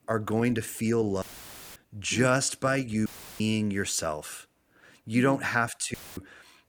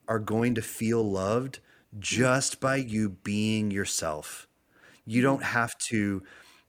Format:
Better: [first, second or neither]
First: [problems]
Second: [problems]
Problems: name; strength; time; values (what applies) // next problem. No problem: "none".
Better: second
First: audio cutting out; filled with static; at 1 s for 0.5 s, at 3 s and at 6 s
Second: none